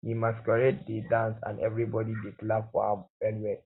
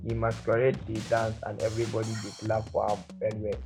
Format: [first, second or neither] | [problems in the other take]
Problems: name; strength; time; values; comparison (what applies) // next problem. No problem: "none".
first | background sound (Drum kit); 13 dB below the speech